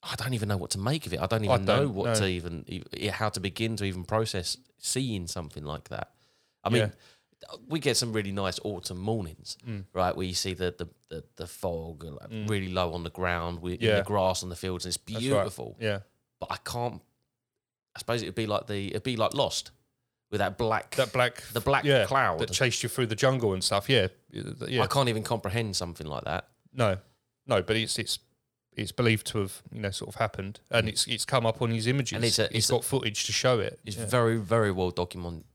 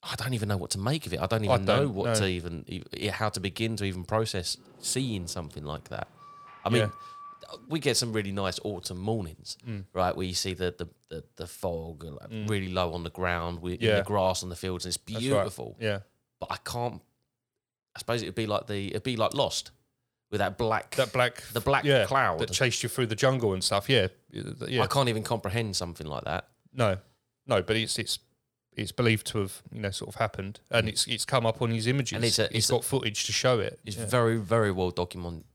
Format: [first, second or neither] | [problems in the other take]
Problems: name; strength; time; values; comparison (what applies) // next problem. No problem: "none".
first | door banging; faint; from 4.5 to 7.5 s; peak 15 dB below the speech